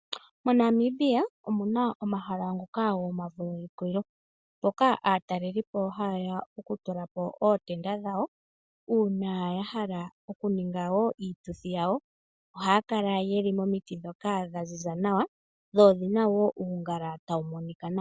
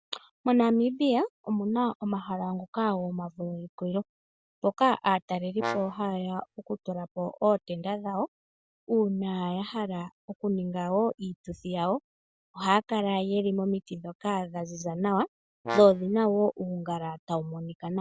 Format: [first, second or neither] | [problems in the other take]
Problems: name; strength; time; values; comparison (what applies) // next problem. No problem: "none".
first | background sound (Brass instrument); 9 dB below the speech